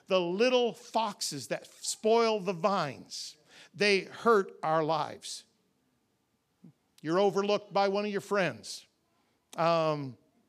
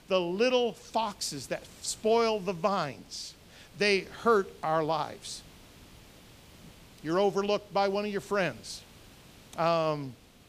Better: first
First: none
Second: hiss; faint; throughout; 25 dB below the speech

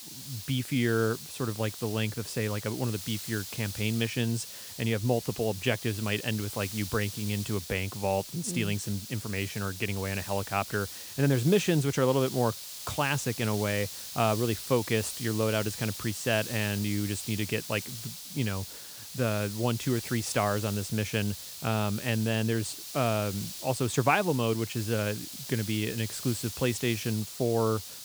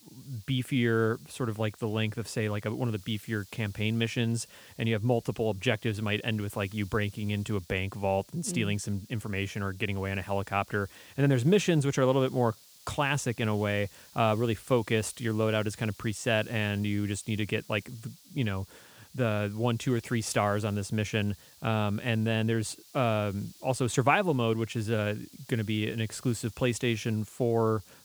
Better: second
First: hiss; loud; throughout; 9 dB below the speech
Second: hiss; faint; throughout; 25 dB below the speech

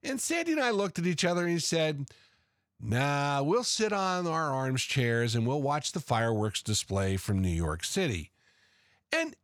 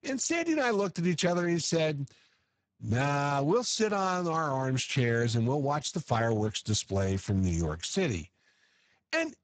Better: first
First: none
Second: garbled, watery; badly; nothing above 7.5 kHz

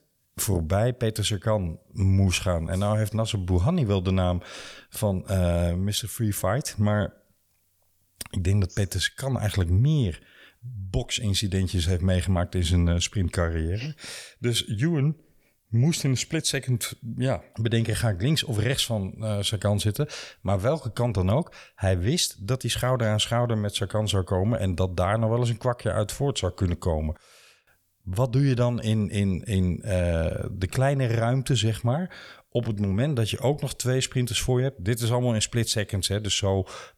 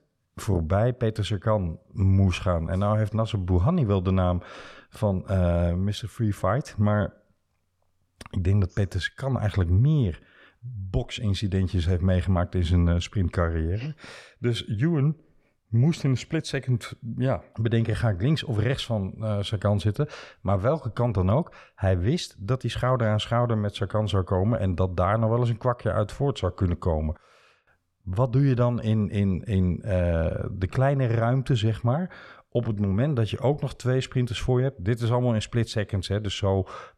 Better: first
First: none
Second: muffled; slightly; fading above 1.5 kHz

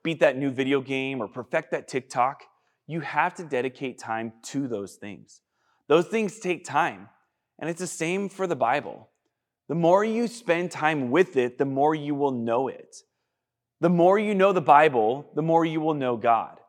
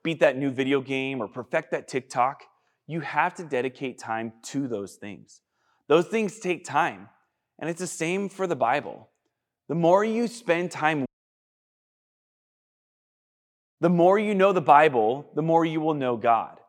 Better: first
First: none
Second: audio cutting out; at 11 s for 2.5 s

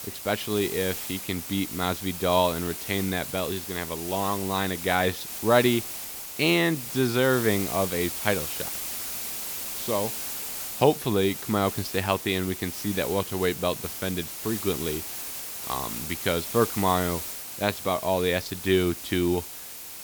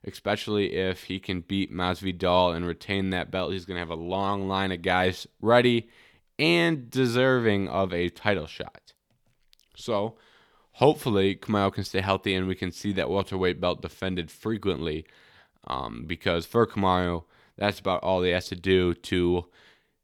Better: second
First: hiss; loud; throughout; 6 dB below the speech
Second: none

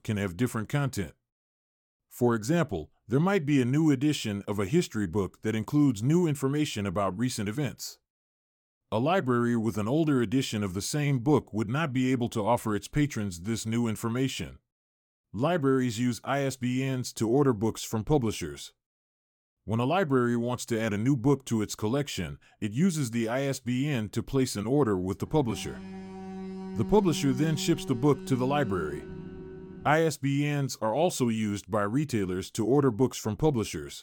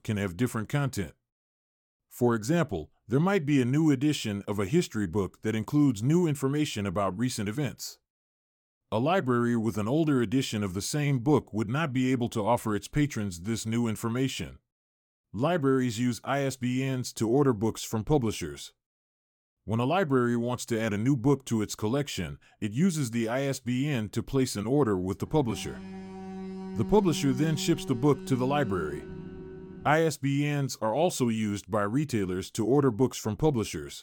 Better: neither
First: alarm; noticeable; from 25 to 30 s; peak 8 dB below the speech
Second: alarm; noticeable; from 25 to 30 s; peak 8 dB below the speech

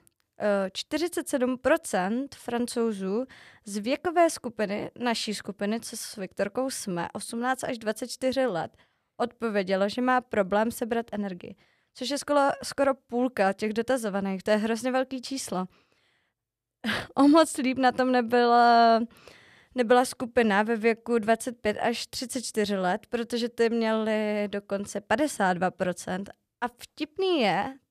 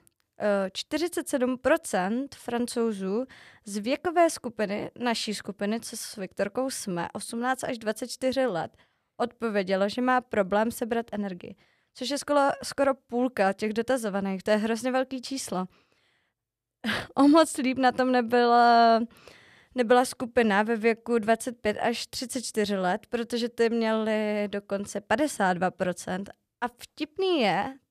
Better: neither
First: none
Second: none

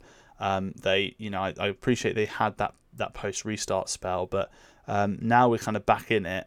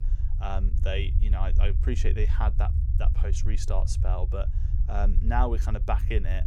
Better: first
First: none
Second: low rumble; noticeable; throughout; 10 dB below the speech

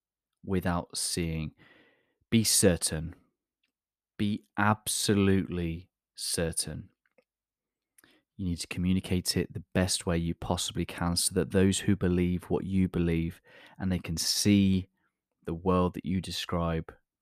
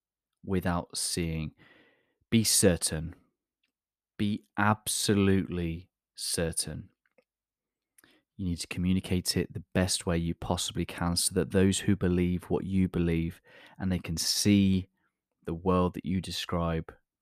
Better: neither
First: none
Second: none

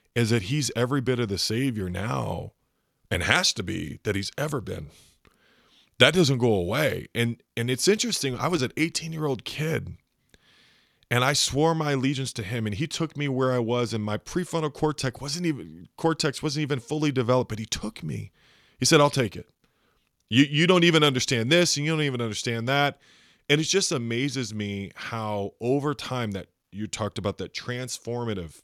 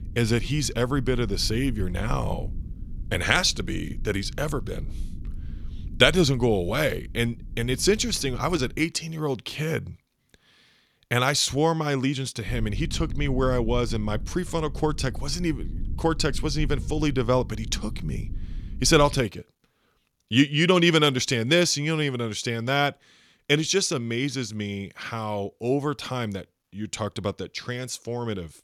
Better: first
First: none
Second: low rumble; faint; until 9 s and from 12 to 19 s; 25 dB below the speech

